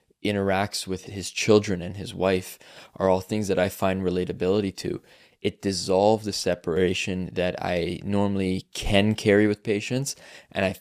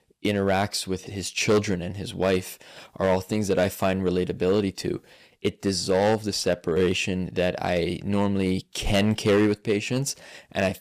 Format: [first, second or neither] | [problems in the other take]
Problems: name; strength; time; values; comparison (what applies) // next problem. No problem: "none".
first | distortion; slight; 4% of the sound clipped